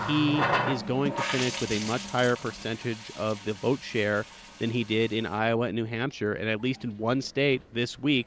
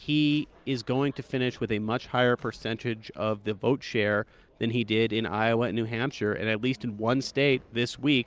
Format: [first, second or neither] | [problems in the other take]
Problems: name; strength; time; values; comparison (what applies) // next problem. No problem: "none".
second | background sound (Water tap, faucet); 8 dB below the speech